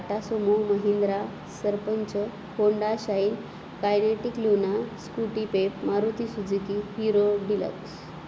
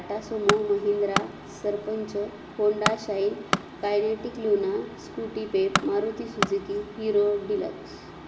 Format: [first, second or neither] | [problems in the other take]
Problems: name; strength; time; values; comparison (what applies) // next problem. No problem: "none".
first | background sound (Tools); 5 dB below the speech // room echo; dies away in 2.6 s